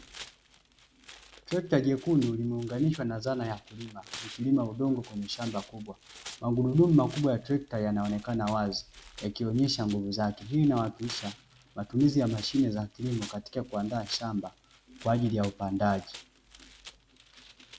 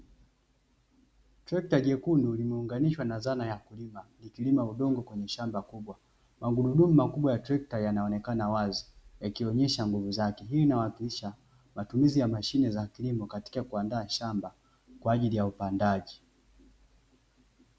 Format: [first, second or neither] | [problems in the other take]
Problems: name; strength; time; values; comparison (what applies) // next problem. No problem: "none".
second | background sound (Tearing); 20 dB below the speech